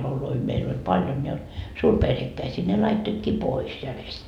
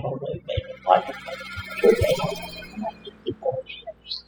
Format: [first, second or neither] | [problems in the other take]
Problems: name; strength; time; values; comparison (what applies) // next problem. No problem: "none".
first | noise reduction (classical method spectral subtraction)